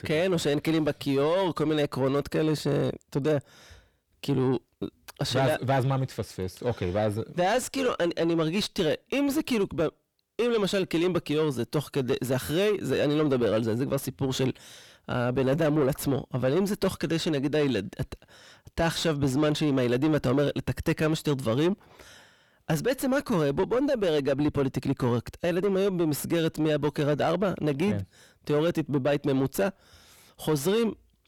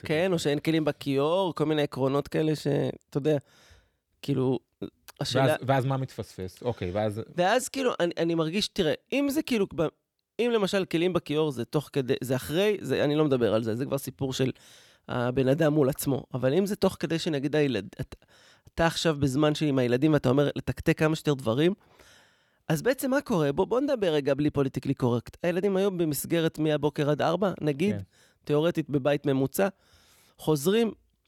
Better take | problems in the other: second | distortion; slight; 10 dB below the speech

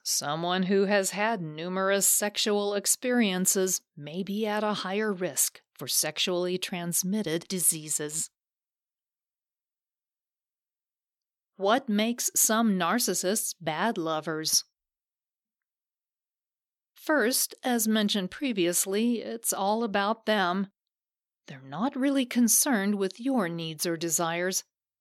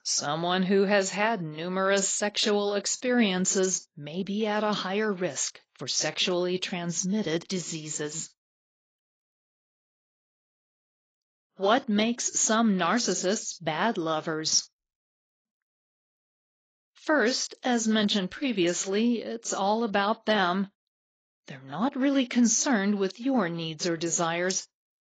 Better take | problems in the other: first | garbled, watery; badly; nothing above 7.5 kHz

